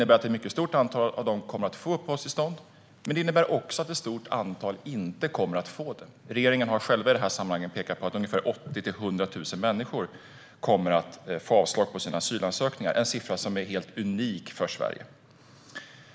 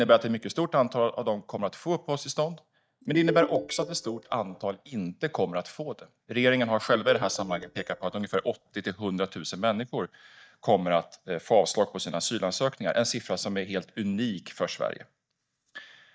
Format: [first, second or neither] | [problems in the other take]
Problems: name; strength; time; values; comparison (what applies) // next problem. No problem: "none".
first | noise reduction (neural mask model DeepFilterNet 3)